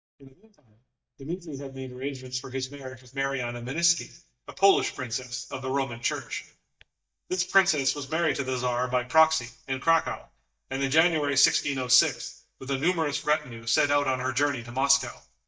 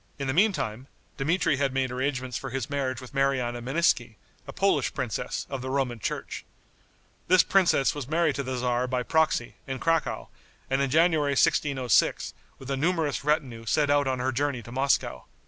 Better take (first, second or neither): second